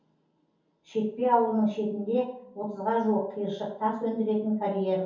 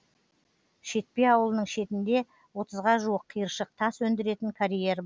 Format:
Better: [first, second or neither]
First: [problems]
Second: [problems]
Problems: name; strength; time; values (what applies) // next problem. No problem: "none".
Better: second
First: room echo; dies away in 0.6 s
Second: none